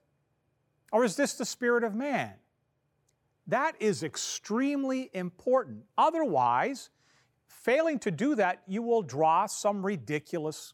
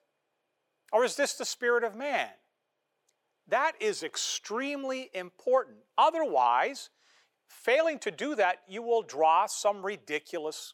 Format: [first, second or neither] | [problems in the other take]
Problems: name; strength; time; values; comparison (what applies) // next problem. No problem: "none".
first | thin; somewhat; fading below 500 Hz